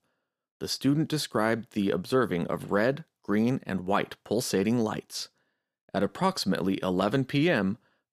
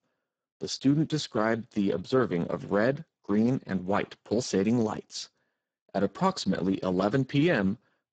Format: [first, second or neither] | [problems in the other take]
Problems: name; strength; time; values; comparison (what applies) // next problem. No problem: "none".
first | garbled, watery; badly; nothing above 7.5 kHz